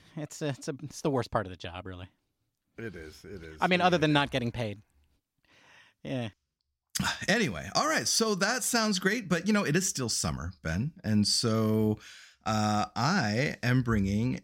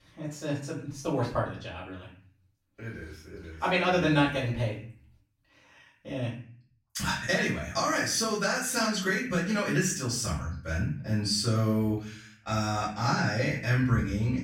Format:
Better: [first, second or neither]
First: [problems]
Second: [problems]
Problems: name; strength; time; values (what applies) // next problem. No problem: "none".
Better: first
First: none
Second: off-mic speech; far // room echo; noticeable; dies away in 0.5 s